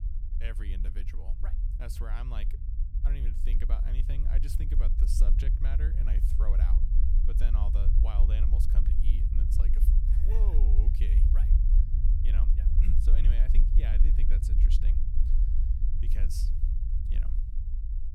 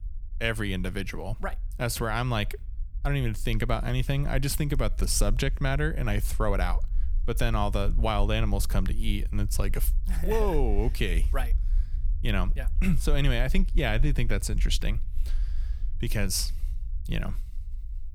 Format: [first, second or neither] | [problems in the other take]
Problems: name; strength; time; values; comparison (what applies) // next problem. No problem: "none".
second | low rumble; loud; throughout; 1 dB below the speech; faint in the second